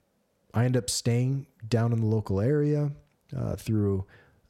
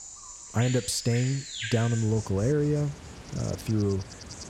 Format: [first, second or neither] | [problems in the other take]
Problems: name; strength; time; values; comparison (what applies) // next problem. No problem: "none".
first | animal sounds; noticeable; throughout; 10 dB below the speech